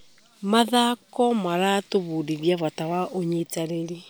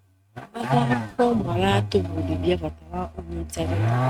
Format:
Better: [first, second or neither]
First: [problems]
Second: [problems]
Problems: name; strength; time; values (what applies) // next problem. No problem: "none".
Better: first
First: none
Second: noise reduction (neural mask model RNNoise)